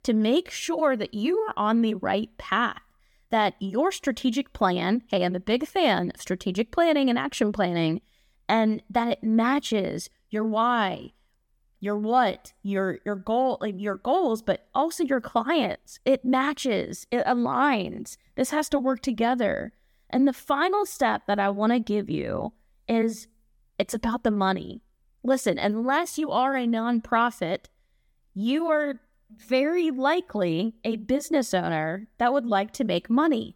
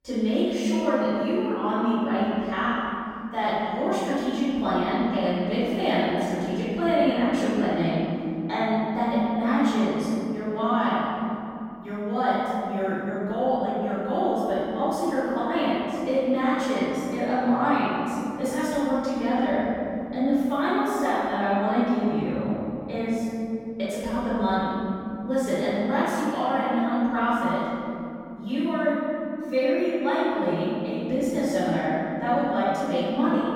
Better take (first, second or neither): first